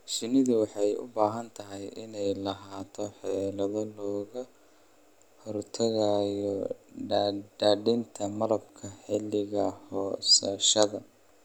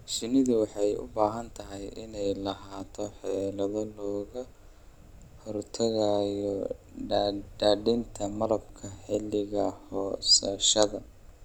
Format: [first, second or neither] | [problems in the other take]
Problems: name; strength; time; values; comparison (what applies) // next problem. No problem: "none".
first | background sound (Ocean); 20 dB below the speech